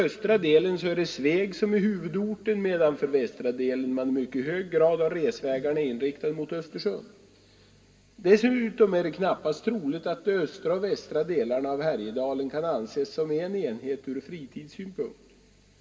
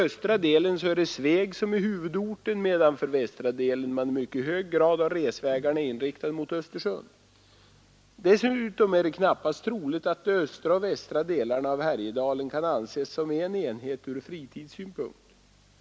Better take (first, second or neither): second